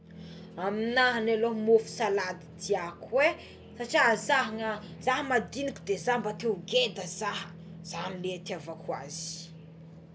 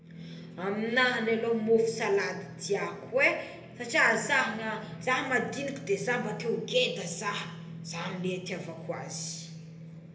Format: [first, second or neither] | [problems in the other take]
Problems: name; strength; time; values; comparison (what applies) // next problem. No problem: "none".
first | room echo; dies away in 0.7 s